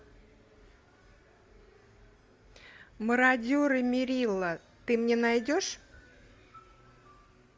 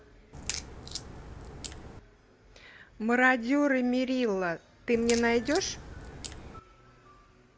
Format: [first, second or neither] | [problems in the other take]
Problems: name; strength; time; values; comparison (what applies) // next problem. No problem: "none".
first | background sound (Crack); 10 dB below the speech